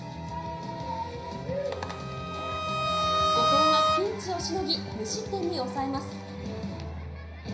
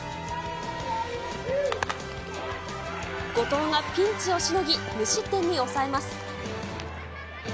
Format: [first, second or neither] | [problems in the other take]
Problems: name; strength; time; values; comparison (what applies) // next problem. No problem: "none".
second | background sound (Bowed string instrument); 5 dB above the speech // room echo; dies away in 0.5 s